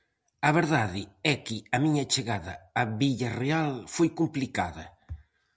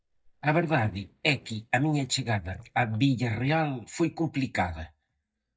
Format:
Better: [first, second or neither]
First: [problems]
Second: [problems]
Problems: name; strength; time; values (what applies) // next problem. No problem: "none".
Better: first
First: none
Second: noise reduction (neural mask model DeepFilterNet 3)